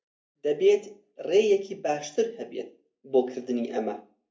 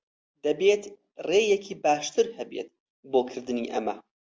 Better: second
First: room echo; dies away in 0.3 s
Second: none

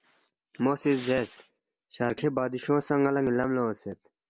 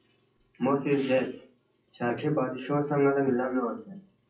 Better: first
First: none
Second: noise reduction (classical method WPE with log-MMSE)

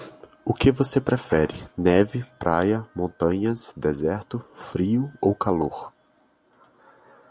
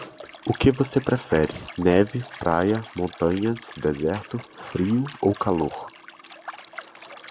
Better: first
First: none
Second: background sound (Liquid); 19 dB below the speech

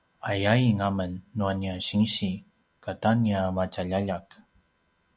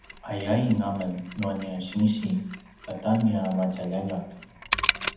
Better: first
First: none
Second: background sound (Mechanisms); 8 dB below the speech // room echo; dies away in 0.8 s

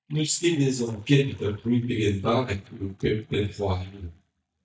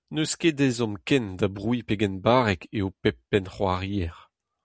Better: second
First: noise reduction (neural mask model DeepFilterNet 3)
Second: none

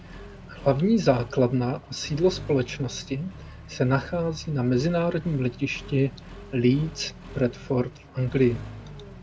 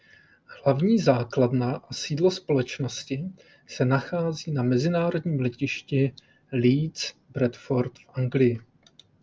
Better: second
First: background sound (Accelerating, revving, vroom); 16 dB below the speech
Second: none

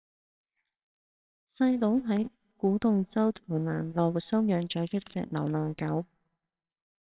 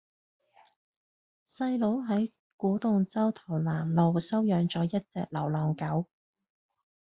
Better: second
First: noise reduction (neural separator model SepFormer WHAMR!)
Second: none

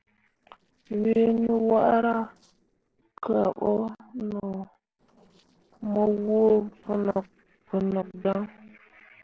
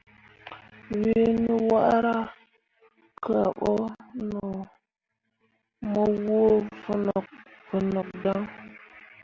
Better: second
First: noise reduction (neural separator model SepFormer DNS4)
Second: none

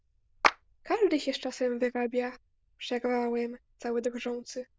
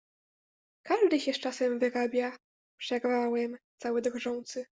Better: second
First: noise reduction (neural diffusion model UNIVERSE++)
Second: none

